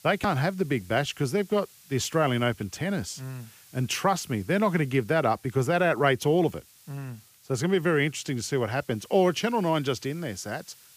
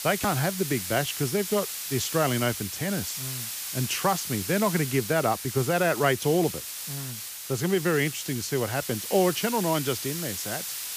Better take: first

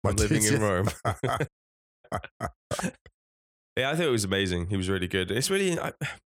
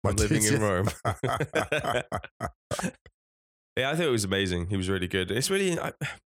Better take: second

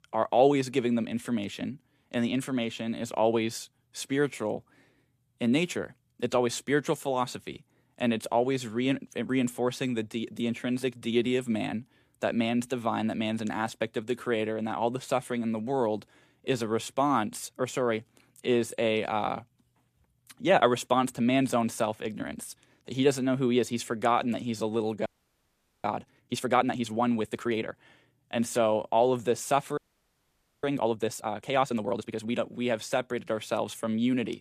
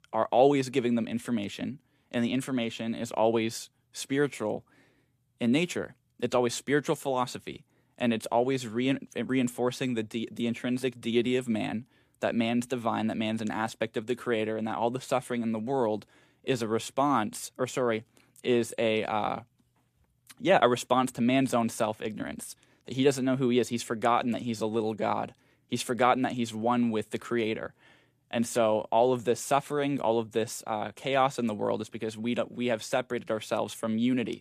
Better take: second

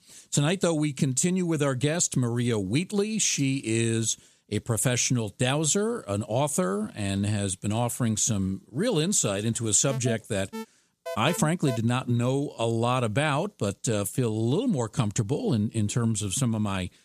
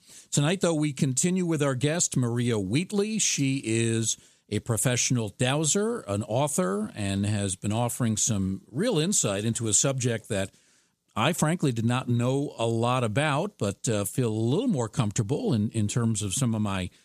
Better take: second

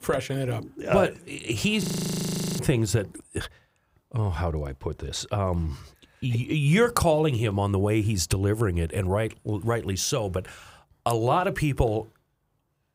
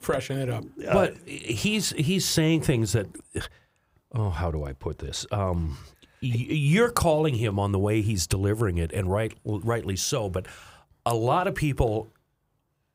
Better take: second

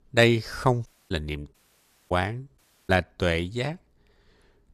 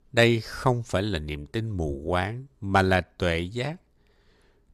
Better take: second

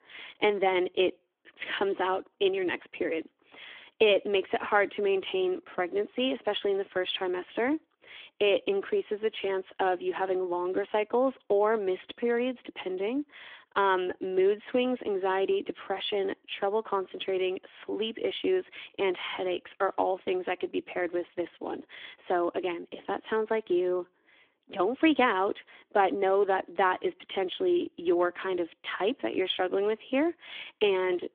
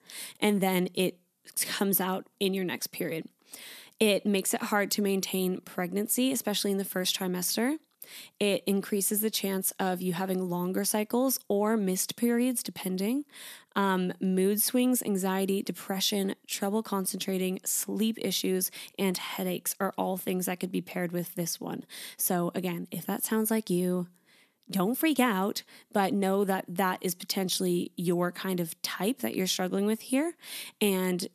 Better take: second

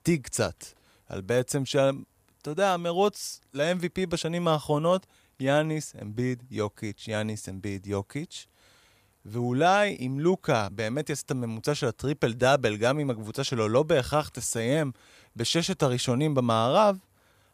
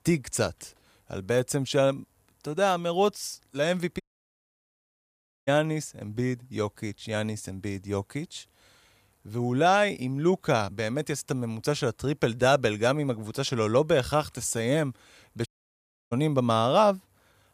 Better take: first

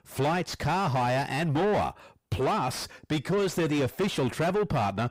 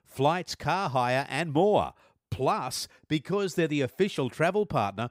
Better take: second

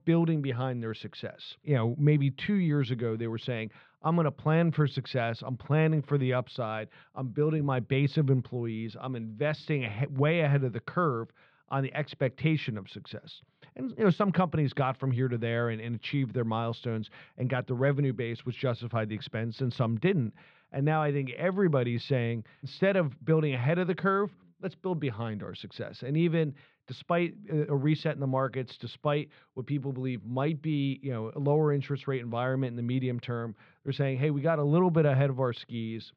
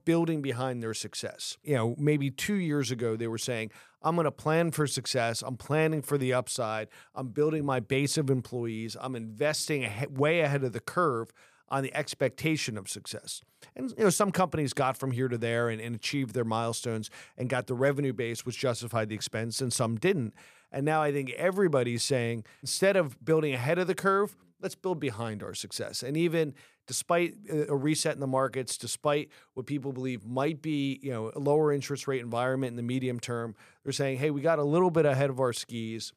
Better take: second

